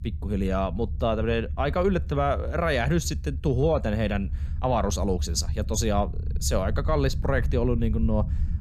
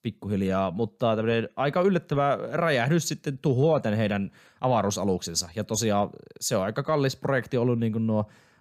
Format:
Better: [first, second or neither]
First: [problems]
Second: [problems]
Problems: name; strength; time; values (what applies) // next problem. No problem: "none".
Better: second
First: low rumble; faint; throughout; 20 dB below the speech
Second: none